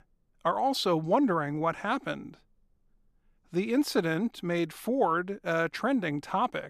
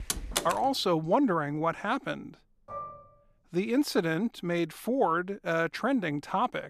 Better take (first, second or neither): first